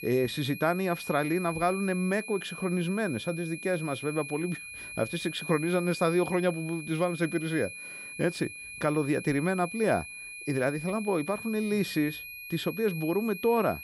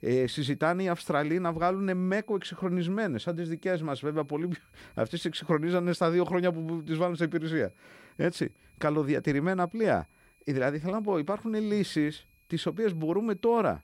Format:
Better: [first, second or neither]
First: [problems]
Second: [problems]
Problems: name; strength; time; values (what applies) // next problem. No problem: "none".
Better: second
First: high-pitched whine; loud; throughout; 2.5 kHz, 10 dB below the speech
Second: high-pitched whine; faint; throughout; 2.5 kHz, 35 dB below the speech